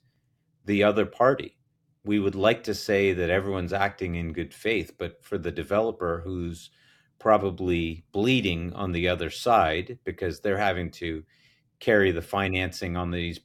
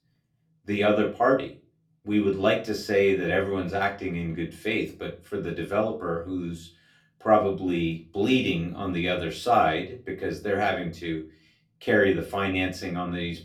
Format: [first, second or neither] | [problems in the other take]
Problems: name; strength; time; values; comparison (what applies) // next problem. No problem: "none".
first | off-mic speech; far // room echo; very slight; dies away in 0.3 s